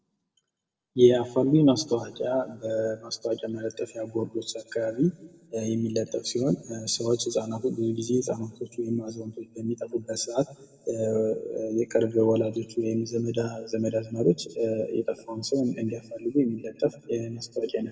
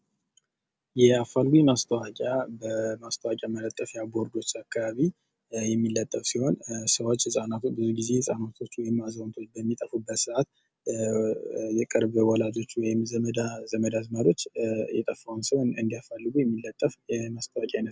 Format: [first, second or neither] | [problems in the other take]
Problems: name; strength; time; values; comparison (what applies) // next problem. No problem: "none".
second | room echo; dies away in 1.2 s